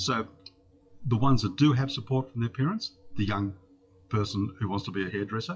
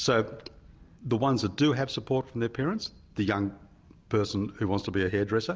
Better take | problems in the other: second | noise reduction (classical method WPE with log-MMSE)

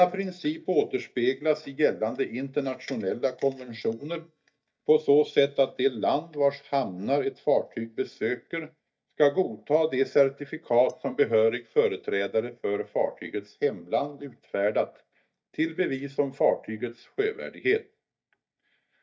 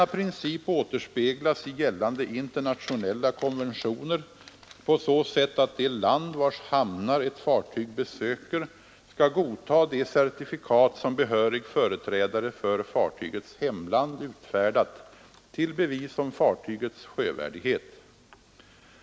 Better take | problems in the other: second | noise reduction (neural mask model DeepFilterNet 3)

